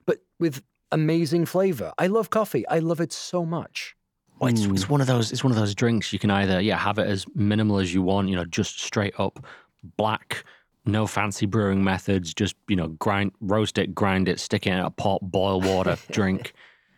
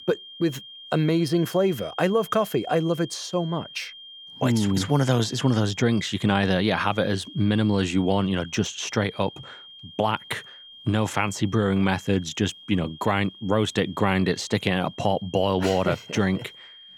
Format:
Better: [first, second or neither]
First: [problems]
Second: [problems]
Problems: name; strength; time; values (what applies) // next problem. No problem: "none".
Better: first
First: none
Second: high-pitched whine; noticeable; throughout; 3 kHz, 20 dB below the speech